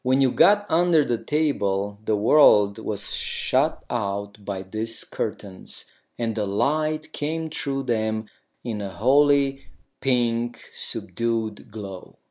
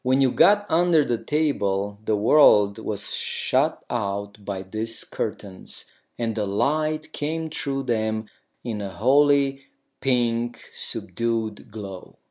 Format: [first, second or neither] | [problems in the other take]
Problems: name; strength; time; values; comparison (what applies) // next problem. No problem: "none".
second | background sound (Wind); 19 dB below the speech